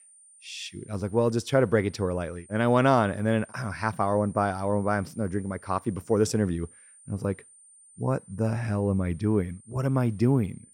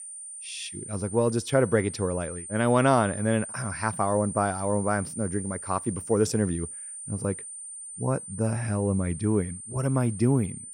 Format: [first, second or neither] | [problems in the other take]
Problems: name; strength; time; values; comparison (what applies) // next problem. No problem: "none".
first | high-pitched whine; loud; throughout; 9 kHz, 10 dB below the speech; faint in the first